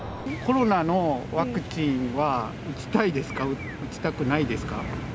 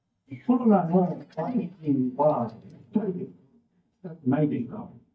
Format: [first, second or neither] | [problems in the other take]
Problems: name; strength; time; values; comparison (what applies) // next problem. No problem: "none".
first | noise reduction (neural mask model DeepFilterNet 3)